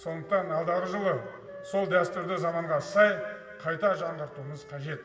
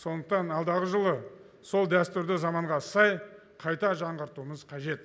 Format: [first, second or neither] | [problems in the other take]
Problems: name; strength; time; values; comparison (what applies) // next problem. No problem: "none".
second | background sound (Wind instrument, woodwind instrument); 18 dB below the speech // room echo; dies away in 1.8 s